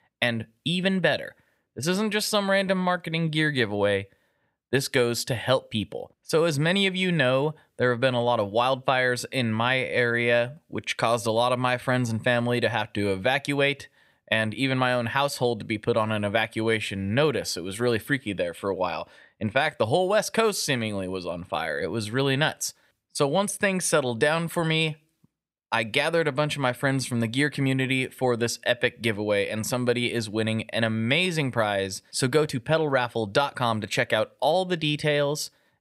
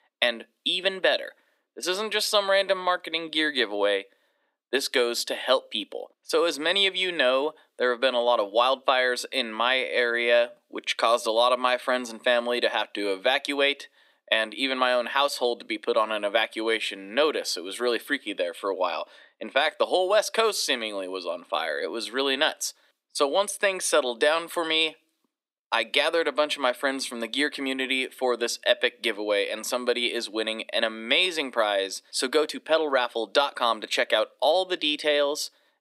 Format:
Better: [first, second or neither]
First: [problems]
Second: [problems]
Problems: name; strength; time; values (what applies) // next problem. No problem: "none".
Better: first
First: none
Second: thin; somewhat; fading below 250 Hz